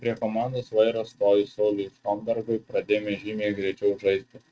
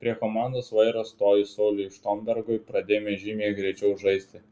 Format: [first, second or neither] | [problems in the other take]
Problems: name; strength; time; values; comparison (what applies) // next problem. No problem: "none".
second | noise reduction (neural mask model RNNoise)